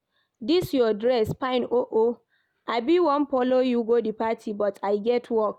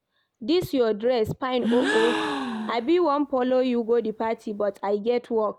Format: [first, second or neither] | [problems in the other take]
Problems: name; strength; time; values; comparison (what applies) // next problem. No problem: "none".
first | background sound (Gasp); 6 dB below the speech